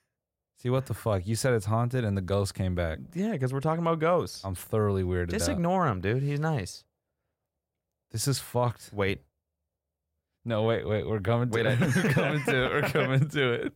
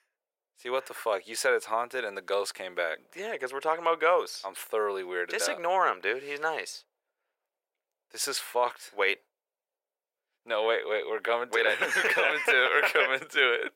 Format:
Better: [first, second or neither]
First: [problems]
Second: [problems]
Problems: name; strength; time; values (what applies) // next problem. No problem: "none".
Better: first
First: none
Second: thin; very; fading below 450 Hz